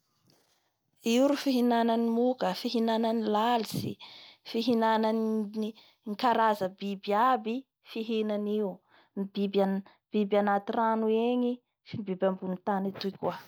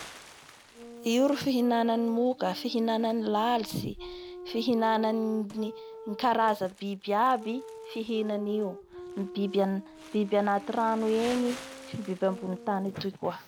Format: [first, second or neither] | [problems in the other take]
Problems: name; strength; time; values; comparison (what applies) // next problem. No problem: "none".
first | background sound (Crumpling, crinkling + Wind instrument, woodwind instrument); 15 dB below the speech